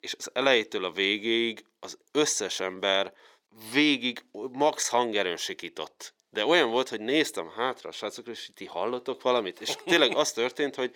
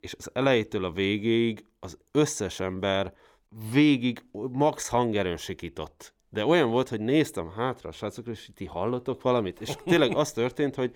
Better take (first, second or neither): second